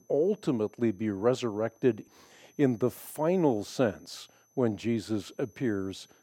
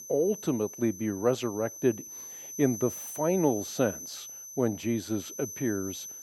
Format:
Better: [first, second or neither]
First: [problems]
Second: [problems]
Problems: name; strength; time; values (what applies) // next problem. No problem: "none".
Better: first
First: high-pitched whine; faint; throughout; 6 kHz, 35 dB below the speech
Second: high-pitched whine; loud; throughout; 6 kHz, 10 dB below the speech